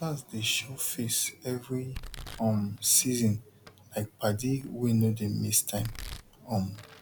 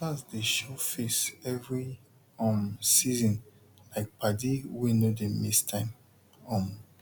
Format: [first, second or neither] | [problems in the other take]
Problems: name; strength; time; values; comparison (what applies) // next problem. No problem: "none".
second | background sound (Domestic sounds, home sounds); 18 dB below the speech